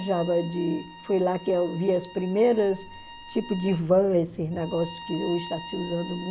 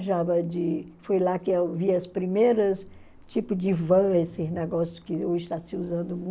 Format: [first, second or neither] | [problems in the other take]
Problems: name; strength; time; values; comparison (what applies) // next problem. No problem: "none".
second | background sound (Bowed string instrument); 17 dB below the speech